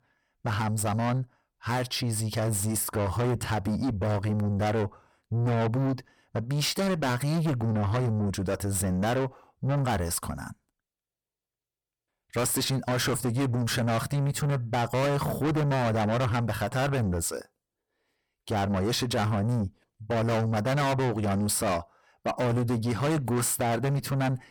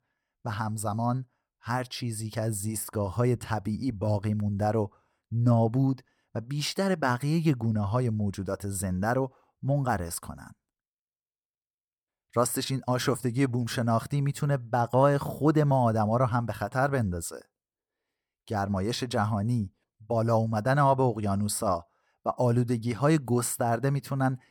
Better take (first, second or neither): second